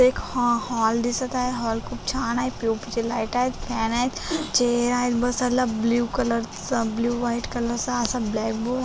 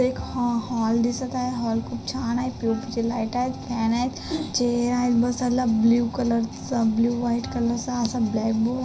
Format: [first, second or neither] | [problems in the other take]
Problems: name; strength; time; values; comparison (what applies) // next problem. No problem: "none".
first | background sound (Wind instrument, woodwind instrument); 20 dB below the speech // room echo; dies away in 0.5 s